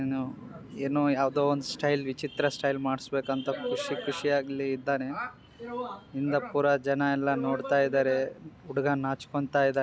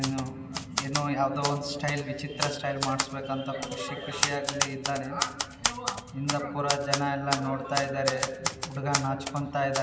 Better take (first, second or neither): first